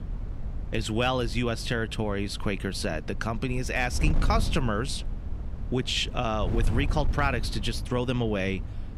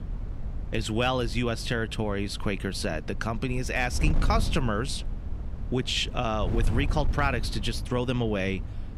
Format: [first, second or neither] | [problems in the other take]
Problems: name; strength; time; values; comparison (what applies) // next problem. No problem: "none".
neither | wind noise on the microphone; occasional gusts; 15 dB below the speech; the same in both